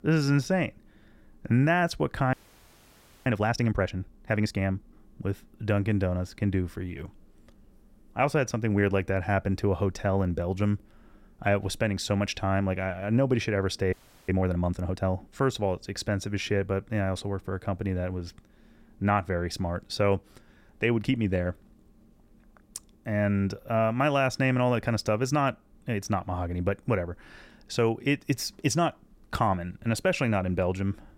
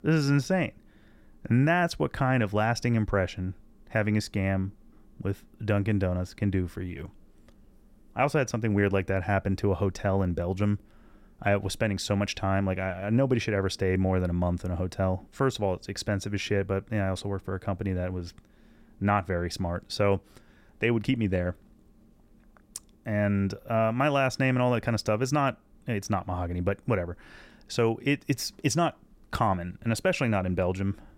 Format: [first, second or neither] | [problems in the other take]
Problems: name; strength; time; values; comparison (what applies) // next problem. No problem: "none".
second | audio freezing; at 2.5 s for 1 s and at 14 s